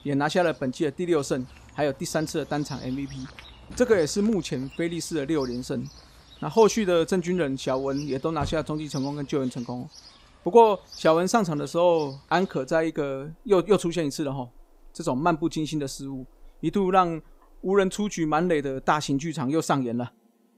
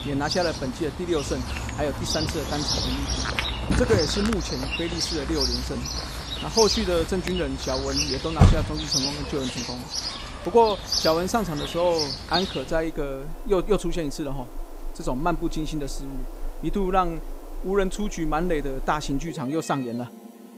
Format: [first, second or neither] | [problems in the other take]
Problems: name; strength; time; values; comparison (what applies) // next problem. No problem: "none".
first | animal sounds; loud; throughout; 1 dB below the speech; faint in the first